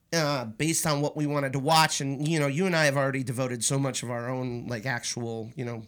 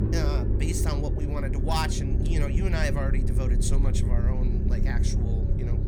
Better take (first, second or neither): first